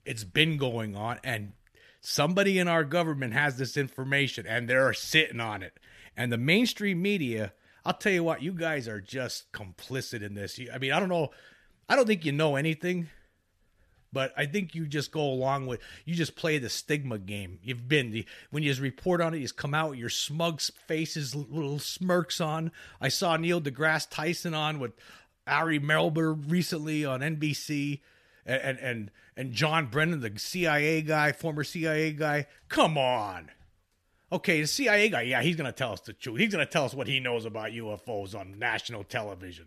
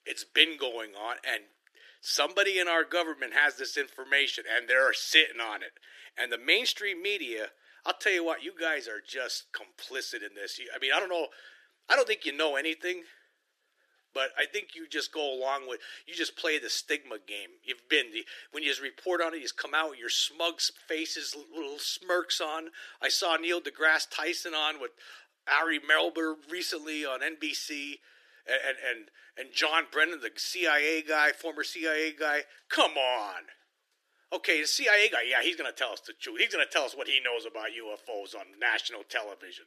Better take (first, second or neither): first